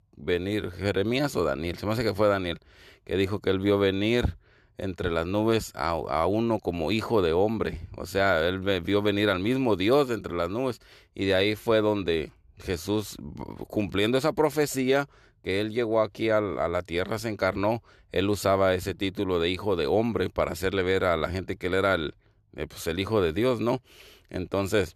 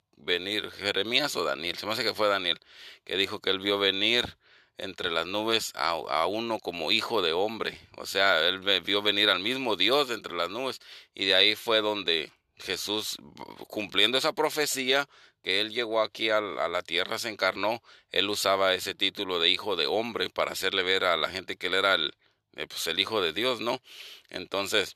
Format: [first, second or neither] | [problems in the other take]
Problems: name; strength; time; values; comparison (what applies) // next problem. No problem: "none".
first | thin; somewhat; fading below 850 Hz